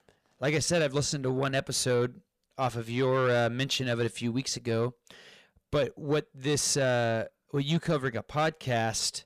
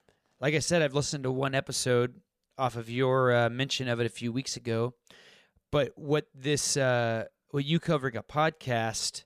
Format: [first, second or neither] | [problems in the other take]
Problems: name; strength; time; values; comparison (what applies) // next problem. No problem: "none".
second | distortion; slight; 10 dB below the speech